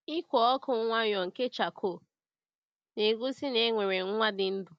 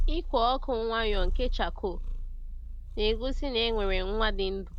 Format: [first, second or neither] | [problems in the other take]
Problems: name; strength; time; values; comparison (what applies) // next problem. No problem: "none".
first | background sound (Purr); as loud as the speech